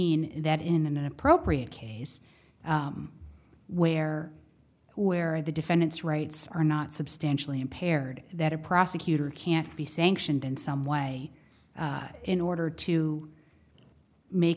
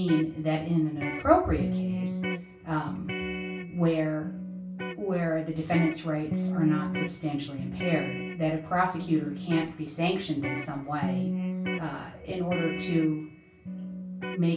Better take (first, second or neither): first